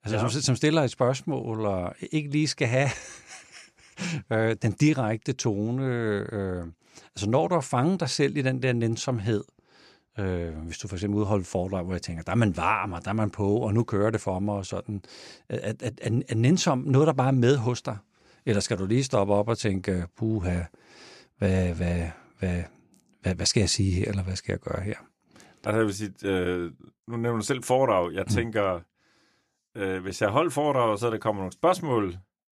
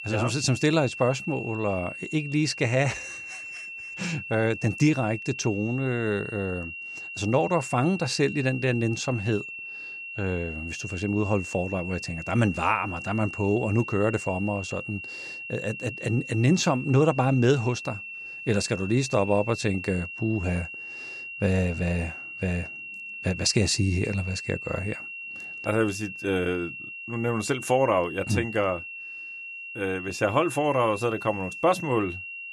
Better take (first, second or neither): first